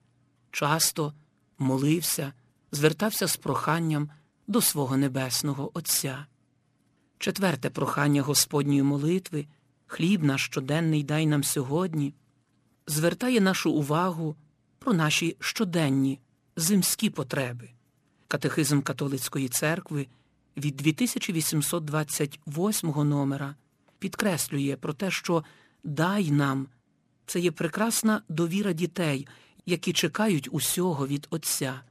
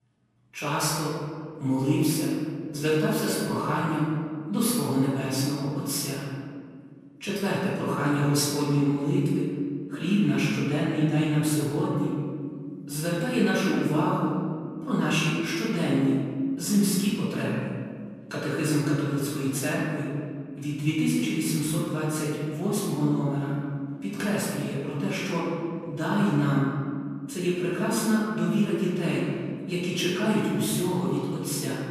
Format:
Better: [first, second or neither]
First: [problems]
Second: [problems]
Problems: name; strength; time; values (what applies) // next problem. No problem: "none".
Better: first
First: none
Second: room echo; strong; dies away in 2 s // off-mic speech; far